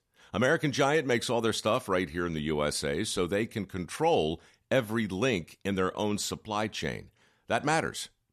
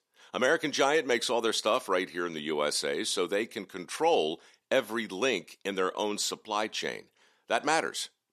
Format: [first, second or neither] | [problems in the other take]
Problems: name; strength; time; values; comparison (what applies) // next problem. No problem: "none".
first | thin; very slightly; fading below 350 Hz